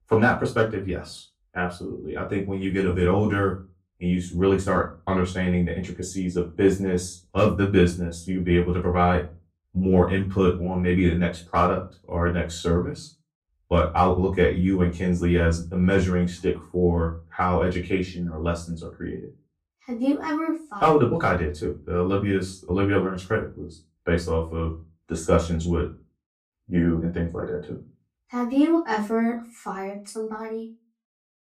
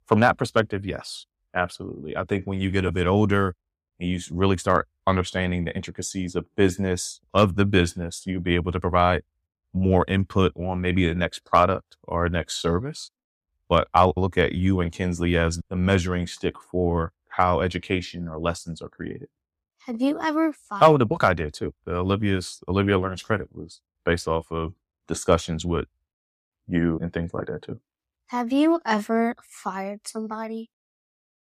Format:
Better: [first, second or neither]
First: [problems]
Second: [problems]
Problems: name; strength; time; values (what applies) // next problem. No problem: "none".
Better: second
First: off-mic speech; far // room echo; slight; dies away in 0.3 s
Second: none